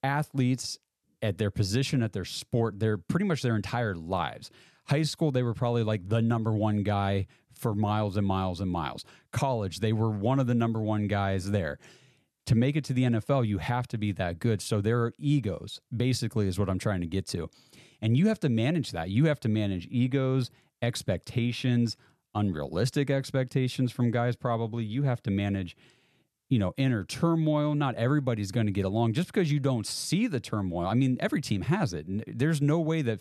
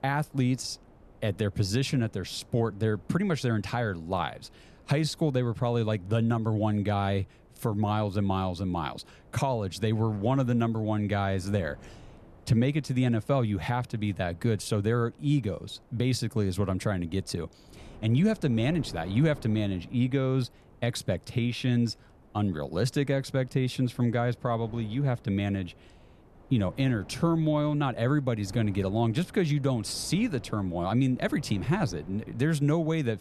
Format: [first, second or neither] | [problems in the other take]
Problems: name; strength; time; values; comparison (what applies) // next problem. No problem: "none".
first | wind noise on the microphone; occasional gusts; 25 dB below the speech